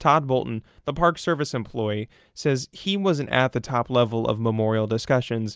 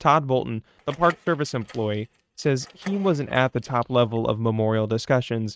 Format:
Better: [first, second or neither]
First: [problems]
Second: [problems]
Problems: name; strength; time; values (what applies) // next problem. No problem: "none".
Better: first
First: none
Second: noise reduction (neural mask model RNNoise)